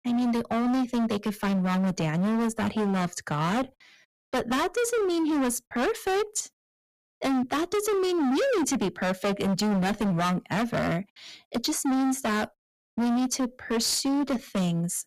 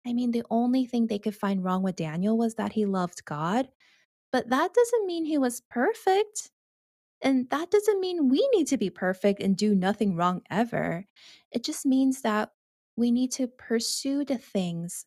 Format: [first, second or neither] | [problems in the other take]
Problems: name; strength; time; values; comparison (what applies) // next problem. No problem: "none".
second | distortion; heavy; 30% of the sound clipped